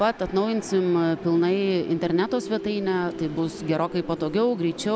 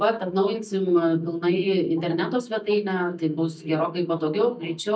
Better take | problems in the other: first | noise reduction (neural mask model DeepFilterNet 3)

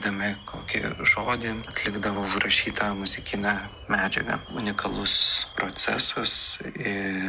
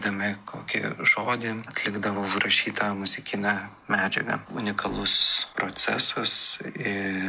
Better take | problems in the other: second | background sound (Aircraft + Alarm); 17 dB below the speech

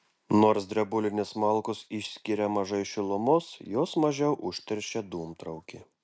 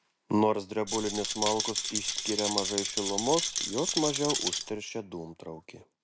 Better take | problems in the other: first | background sound (Rattle); 1 dB below the speech

